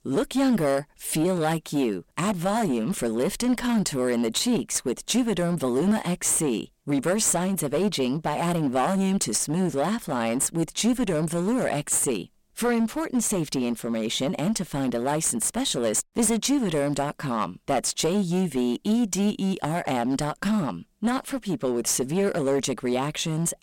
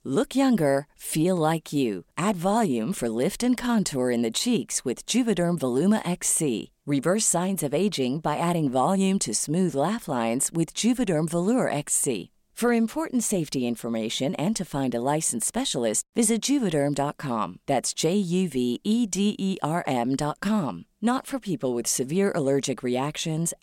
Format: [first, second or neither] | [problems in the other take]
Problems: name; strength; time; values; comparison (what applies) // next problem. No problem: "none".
second | distortion; slight; 10% of the sound clipped